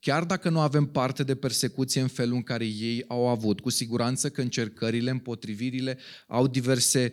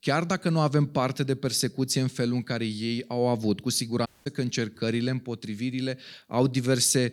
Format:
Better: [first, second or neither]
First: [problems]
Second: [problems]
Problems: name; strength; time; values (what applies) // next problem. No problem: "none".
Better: first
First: none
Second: audio cutting out; at 4 s